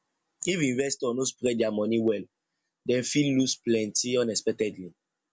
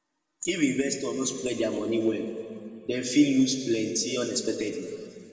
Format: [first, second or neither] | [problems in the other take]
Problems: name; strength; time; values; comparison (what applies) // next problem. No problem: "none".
first | room echo; dies away in 2.3 s